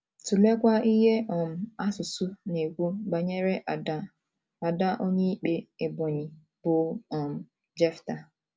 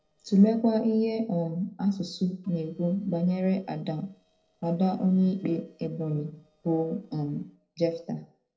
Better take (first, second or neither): first